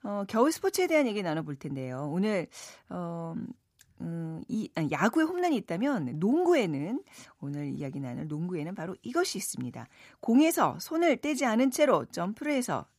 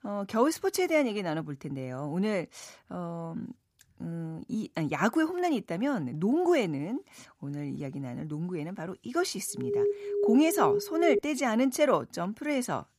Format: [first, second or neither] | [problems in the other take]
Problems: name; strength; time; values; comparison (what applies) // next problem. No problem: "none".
first | alarm; loud; from 9.5 to 11 s; peak 1 dB above the speech